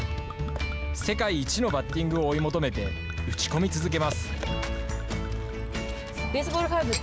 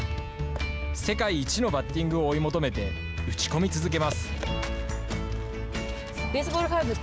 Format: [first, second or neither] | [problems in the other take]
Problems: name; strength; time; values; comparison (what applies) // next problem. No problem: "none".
second | background sound (Gurgling / Chink, clink / Liquid); 16 dB below the speech